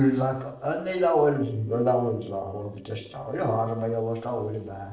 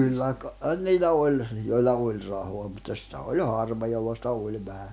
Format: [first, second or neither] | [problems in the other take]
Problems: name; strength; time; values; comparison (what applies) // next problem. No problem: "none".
second | noise reduction (neural separator model SepFormer DNS4)